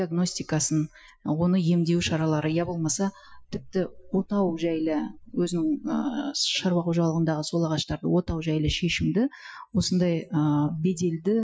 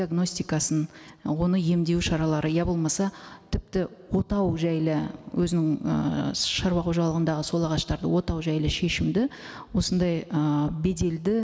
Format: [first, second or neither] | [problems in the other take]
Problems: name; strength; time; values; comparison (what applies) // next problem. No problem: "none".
second | noise reduction (classical method Wiener filter)